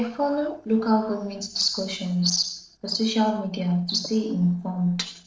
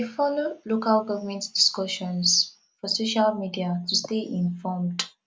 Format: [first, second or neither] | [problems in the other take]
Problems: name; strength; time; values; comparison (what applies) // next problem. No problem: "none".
second | noise reduction (neural separator model SepFormer DNS4)